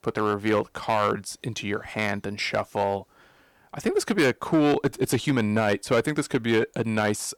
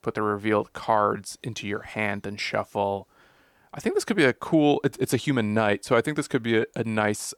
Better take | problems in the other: second | distortion; slight; 4% of the sound clipped

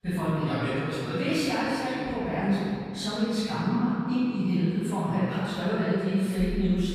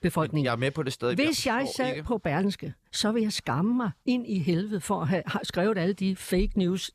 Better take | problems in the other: second | off-mic speech; far // room echo; strong; dies away in 2.1 s

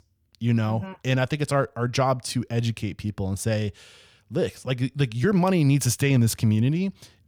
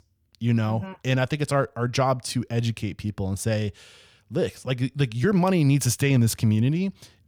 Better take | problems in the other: neither | none

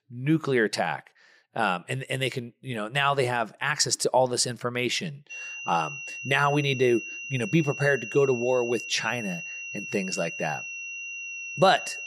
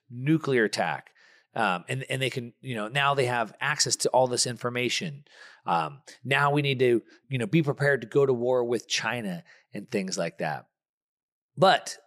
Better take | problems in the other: second | high-pitched whine; loud; from 5.5 s on; 3 kHz, 8 dB below the speech

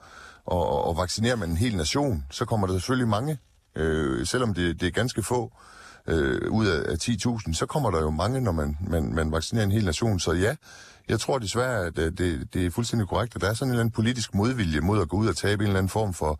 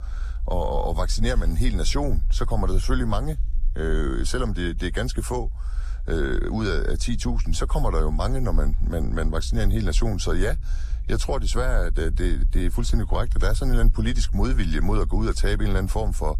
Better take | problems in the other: first | low rumble; faint; throughout; 20 dB below the speech

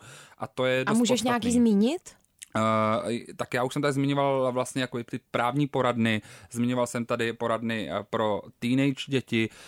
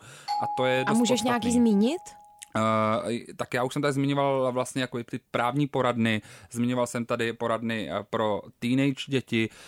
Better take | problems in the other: first | doorbell; noticeable; until 2 s; peak 3 dB below the speech

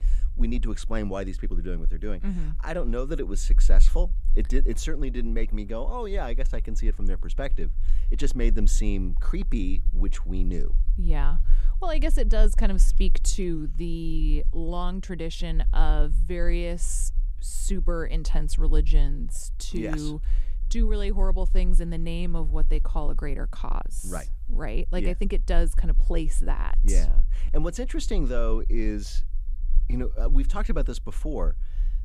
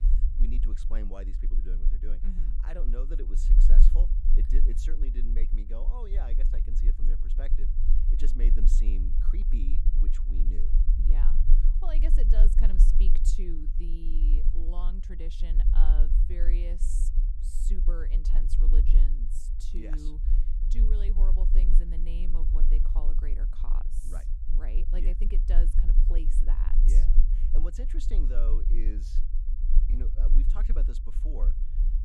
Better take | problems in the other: first | low rumble; loud; throughout; 5 dB below the speech; faint in the first

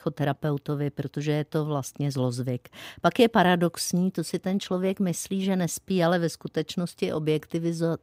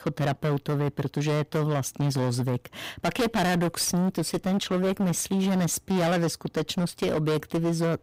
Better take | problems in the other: first | distortion; heavy; 25% of the sound clipped

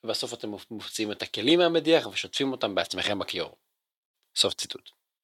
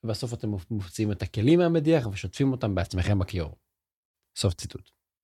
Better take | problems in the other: second | thin; somewhat; fading below 450 Hz

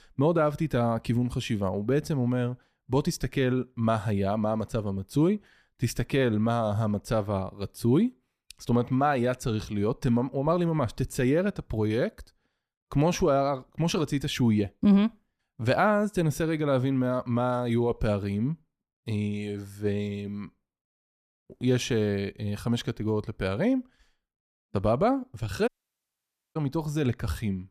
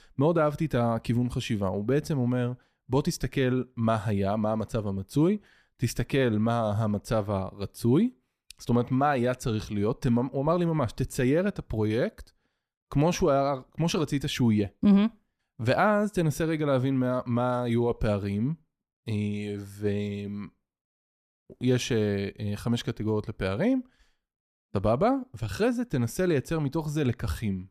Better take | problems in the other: second | audio cutting out; at 26 s for 1 s

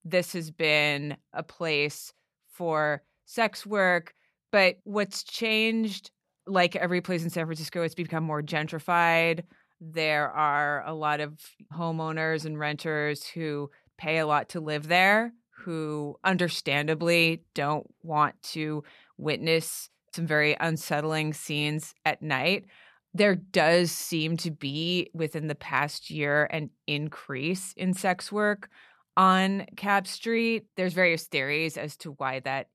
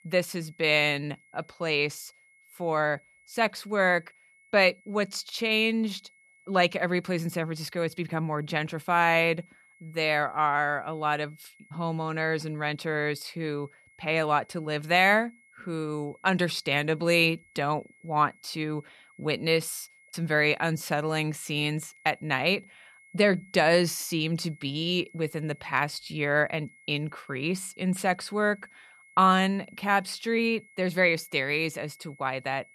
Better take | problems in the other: first | high-pitched whine; faint; throughout; 2 kHz, 30 dB below the speech

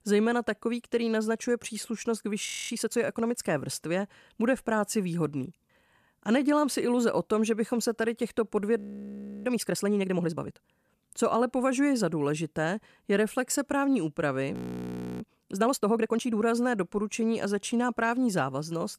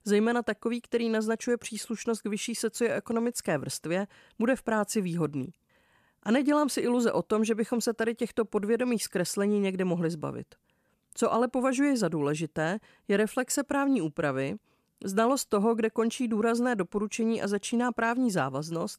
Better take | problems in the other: second | audio freezing; at 2.5 s, at 9 s for 0.5 s and at 15 s for 0.5 s

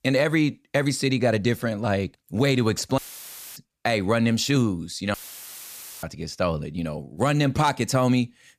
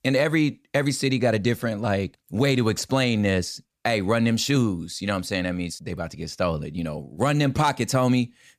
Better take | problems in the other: second | audio cutting out; filled with static; at 3 s for 0.5 s and at 5 s for 1 s

